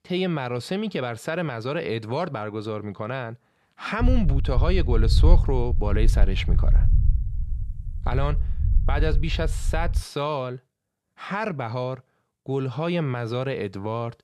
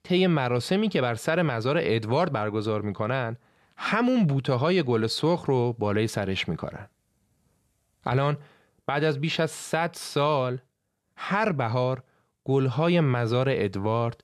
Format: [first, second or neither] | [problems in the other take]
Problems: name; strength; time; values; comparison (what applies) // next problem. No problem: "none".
second | low rumble; noticeable; from 4 to 10 s; 15 dB below the speech